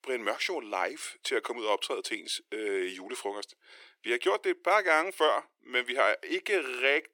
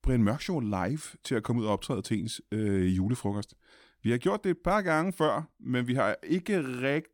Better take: second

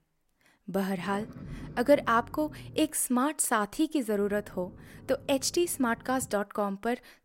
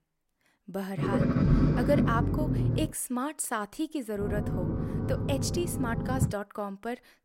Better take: first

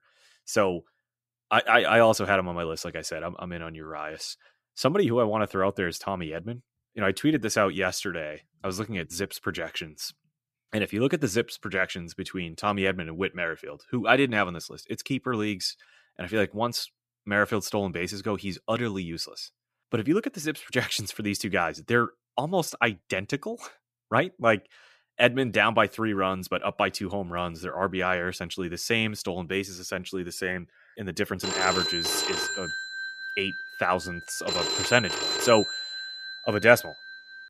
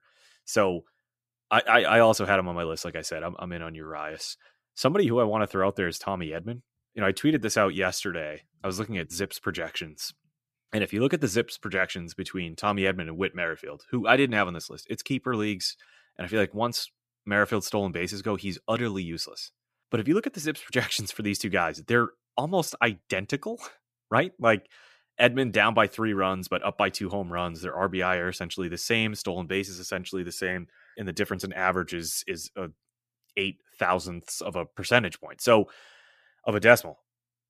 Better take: second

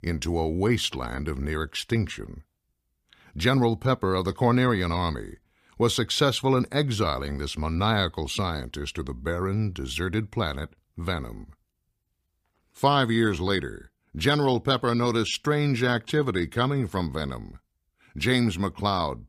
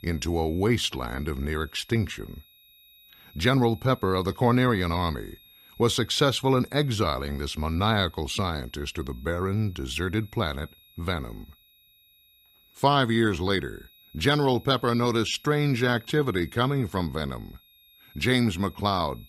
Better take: first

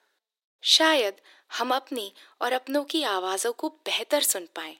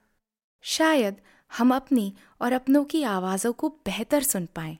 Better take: second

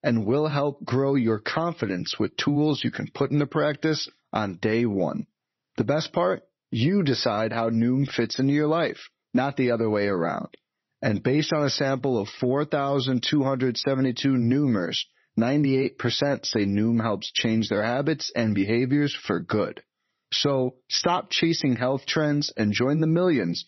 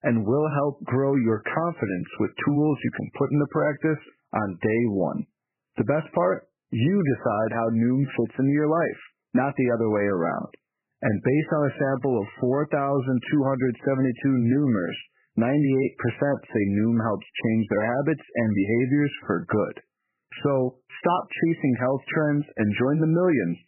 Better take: first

